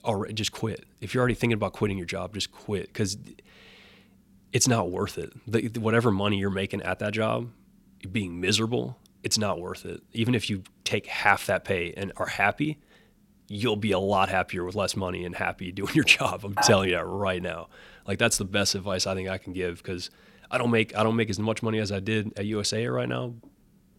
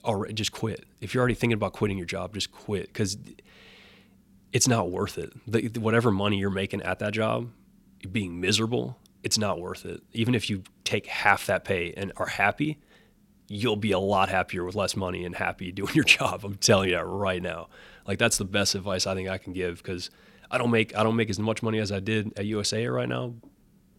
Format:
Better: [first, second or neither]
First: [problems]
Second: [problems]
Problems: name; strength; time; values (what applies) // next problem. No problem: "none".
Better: second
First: clattering dishes; noticeable; at 17 s; peak 1 dB below the speech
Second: none